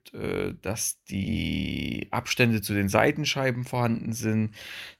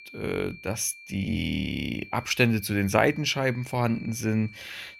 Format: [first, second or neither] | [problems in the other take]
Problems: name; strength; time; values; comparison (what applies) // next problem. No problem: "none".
first | high-pitched whine; noticeable; throughout; 2.5 kHz, 20 dB below the speech